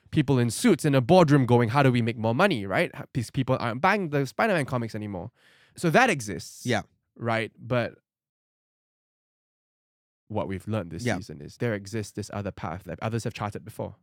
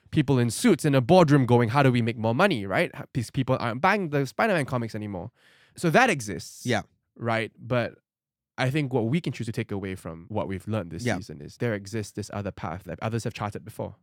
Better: second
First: audio cutting out; at 8.5 s for 2 s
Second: none

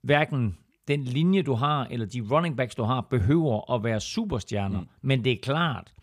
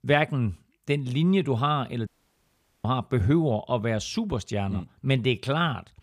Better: first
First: none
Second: audio cutting out; at 2 s for 1 s

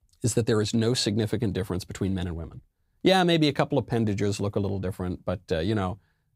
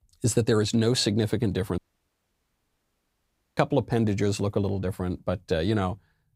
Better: first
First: none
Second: audio cutting out; at 2 s for 2 s

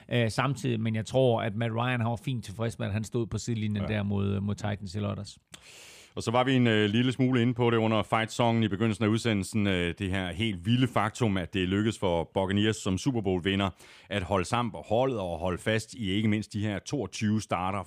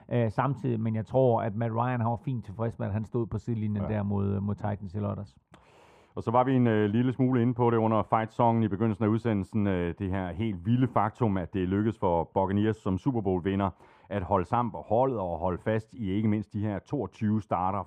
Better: first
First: none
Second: muffled; very; fading above 2 kHz

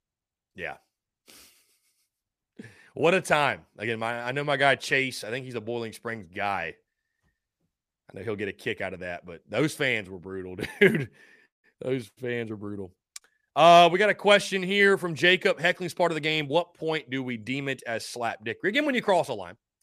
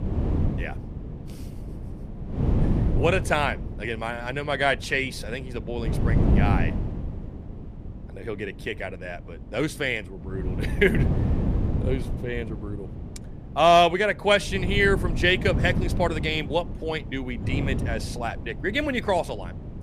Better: first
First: none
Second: wind noise on the microphone; occasional gusts; 15 dB below the speech

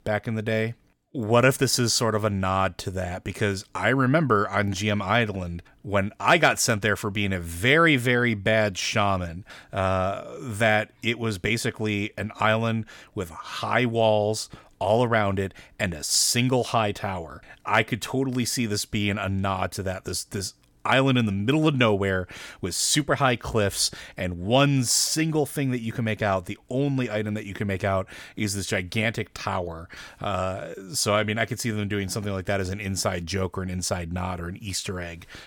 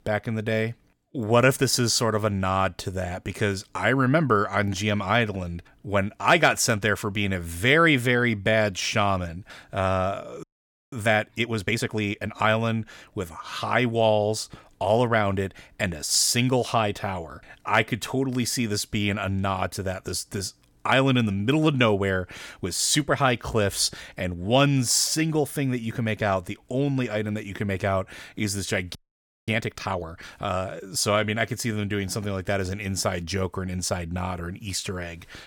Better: first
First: none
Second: audio freezing; at 10 s and at 29 s for 0.5 s

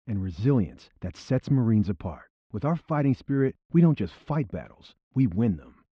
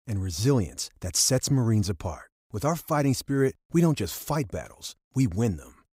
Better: second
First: muffled; very; fading above 3 kHz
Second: none

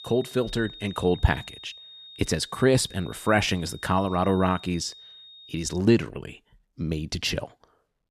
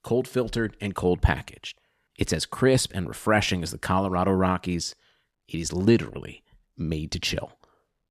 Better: second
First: high-pitched whine; noticeable; until 6 s; 3.5 kHz, 20 dB below the speech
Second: none

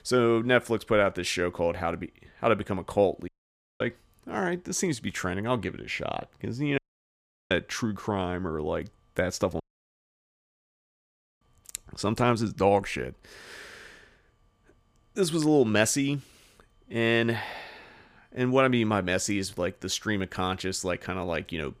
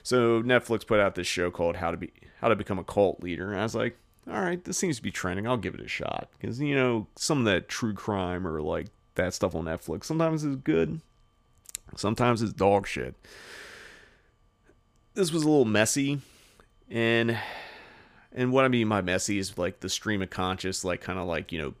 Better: second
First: audio cutting out; at 3.5 s for 0.5 s, at 7 s for 0.5 s and at 9.5 s for 2 s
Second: none

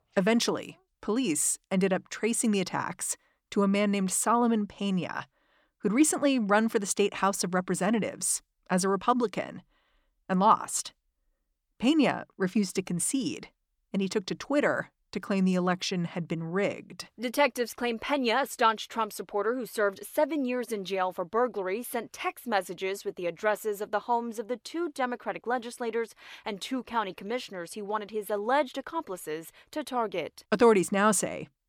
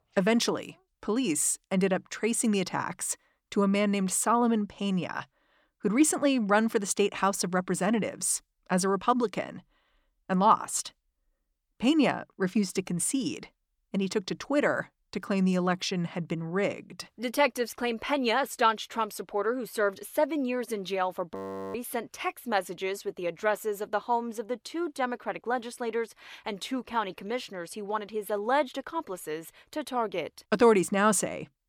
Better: first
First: none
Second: audio freezing; at 21 s

